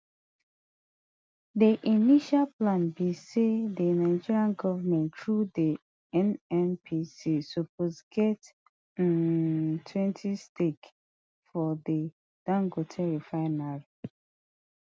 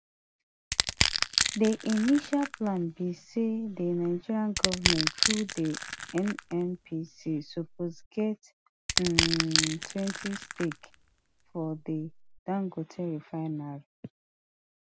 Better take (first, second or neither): first